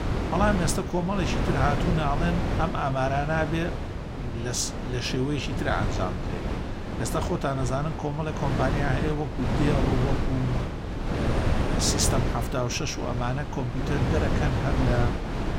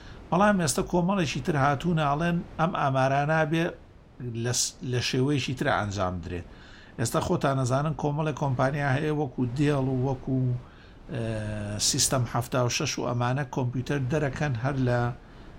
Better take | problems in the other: second | wind noise on the microphone; heavy; 4 dB below the speech; occasional gusts in the second

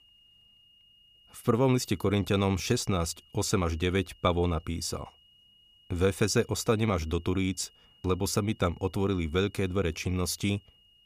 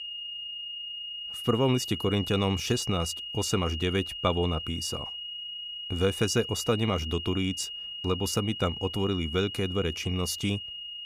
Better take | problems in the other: first | high-pitched whine; loud; throughout; 3 kHz, 6 dB below the speech; faint in the first

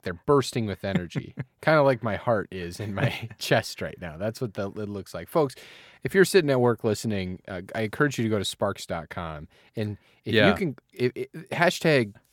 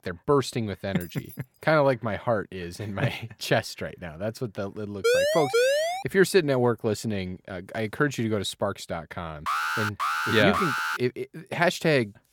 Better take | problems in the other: first | jangling keys; faint; at 1 s; peak 15 dB below the speech // siren; loud; at 5 s; peak 5 dB above the speech // alarm; loud; from 9.5 to 11 s; peak 1 dB above the speech

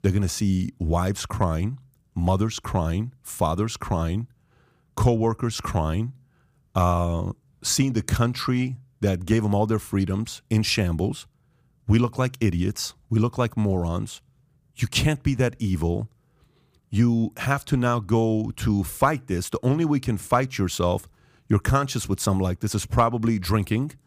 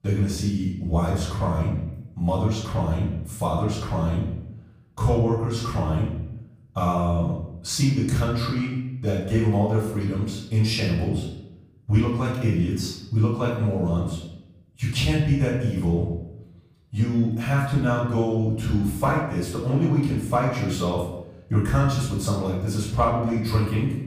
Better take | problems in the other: first | off-mic speech; far // room echo; noticeable; dies away in 0.8 s

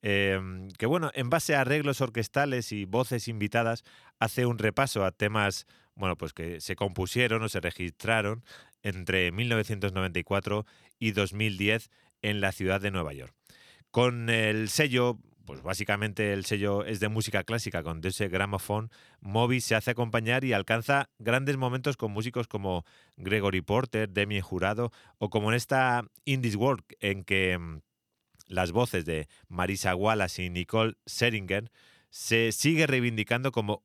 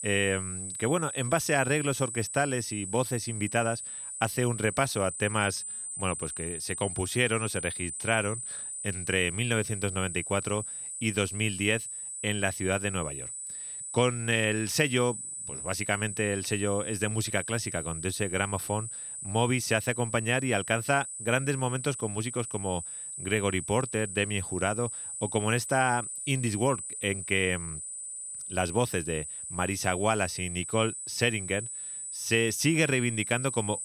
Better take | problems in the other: first | high-pitched whine; loud; throughout; 8 kHz, 6 dB below the speech

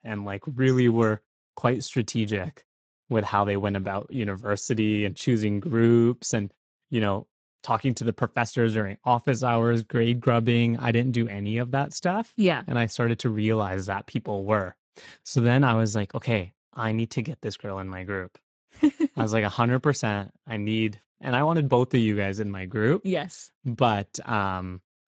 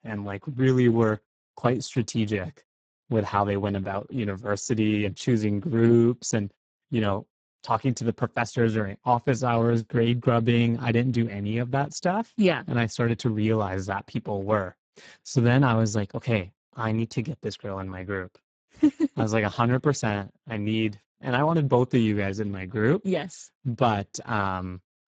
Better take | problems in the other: first | garbled, watery; badly; nothing above 7.5 kHz; slightly in the first

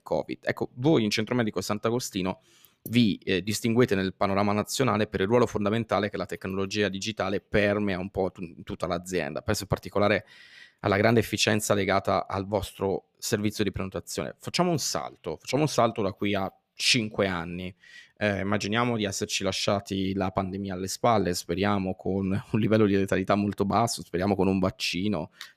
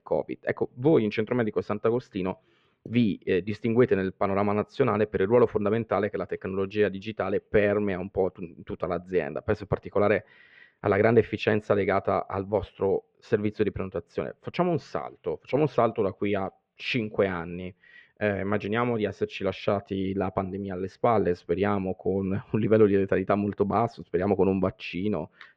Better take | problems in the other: first | muffled; very; fading above 2.5 kHz

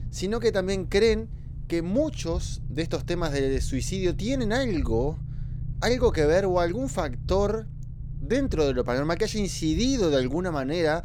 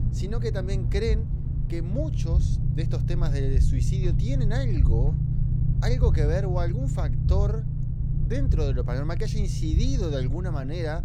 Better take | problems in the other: first | low rumble; loud; throughout; 4 dB below the speech; faint in the first

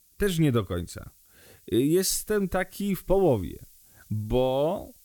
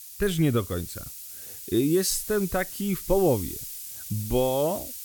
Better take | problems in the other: first | hiss; loud; throughout; 10 dB below the speech; faint in the first

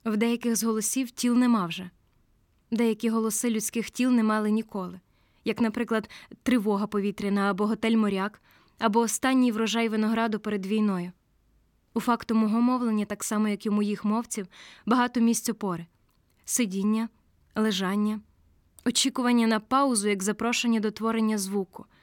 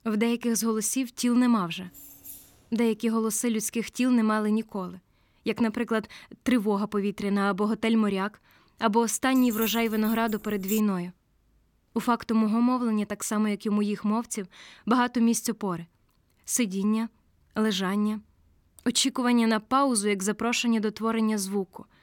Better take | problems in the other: first | jangling keys; faint; at 2 s; peak 15 dB below the speech // jangling keys; noticeable; from 9.5 to 11 s; peak 7 dB below the speech

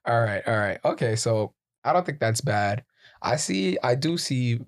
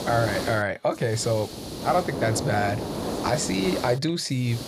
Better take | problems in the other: first | hiss; loud; throughout; 6 dB below the speech

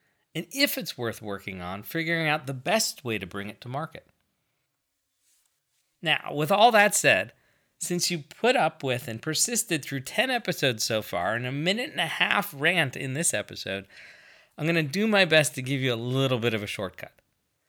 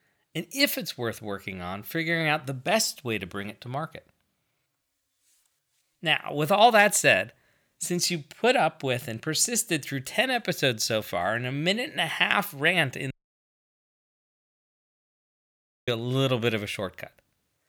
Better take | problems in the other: first | audio cutting out; at 13 s for 3 s

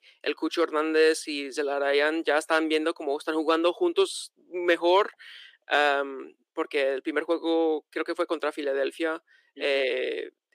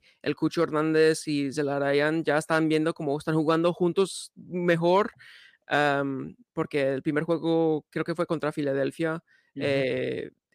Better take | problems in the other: second | thin; somewhat; fading below 350 Hz

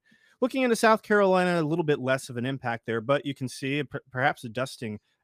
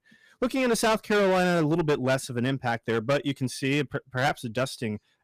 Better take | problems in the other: first | distortion; heavy; 12% of the sound clipped

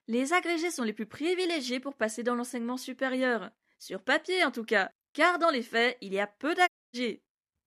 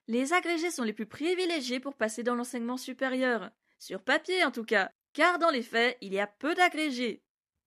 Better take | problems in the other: second | audio cutting out; at 6.5 s

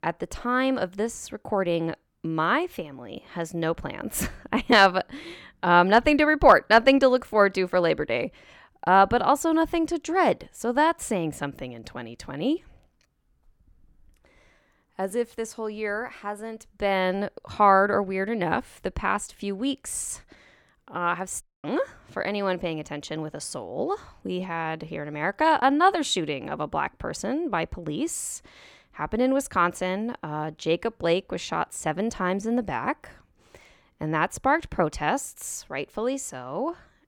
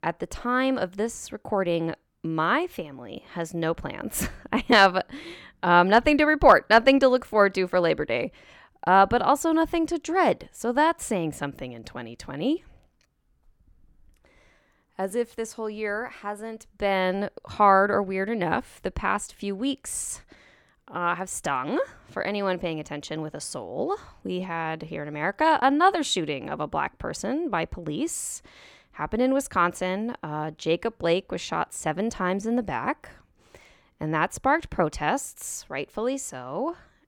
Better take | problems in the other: second | audio cutting out; at 21 s

